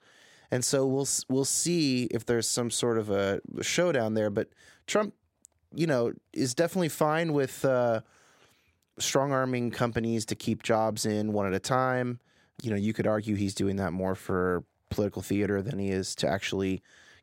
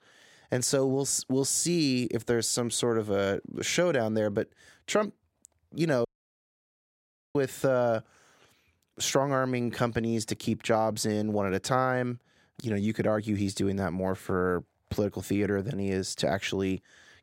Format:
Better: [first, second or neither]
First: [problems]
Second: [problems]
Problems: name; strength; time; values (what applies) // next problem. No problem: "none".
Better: first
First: none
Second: audio cutting out; at 6 s for 1.5 s